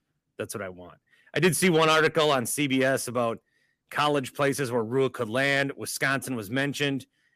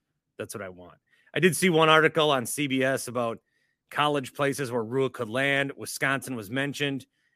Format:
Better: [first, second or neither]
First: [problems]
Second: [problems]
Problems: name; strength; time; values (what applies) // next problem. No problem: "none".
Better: second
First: distortion; slight; 10 dB below the speech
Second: none